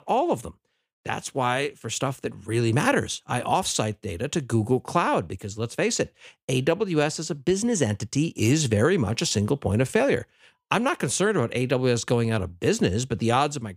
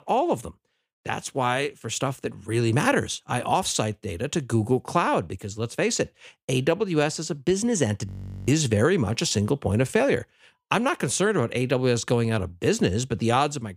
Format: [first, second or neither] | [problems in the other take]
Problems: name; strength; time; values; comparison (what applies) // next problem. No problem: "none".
first | audio freezing; at 8 s